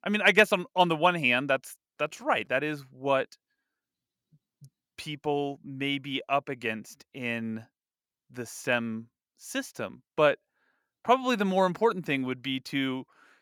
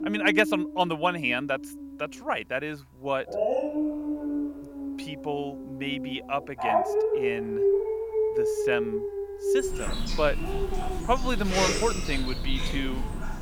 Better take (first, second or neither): first